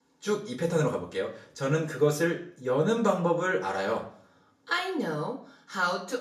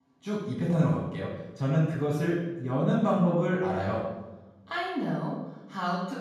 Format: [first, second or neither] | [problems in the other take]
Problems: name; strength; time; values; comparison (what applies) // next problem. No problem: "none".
first | room echo; strong; dies away in 1.3 s; slight in the first // off-mic speech; far; far in the first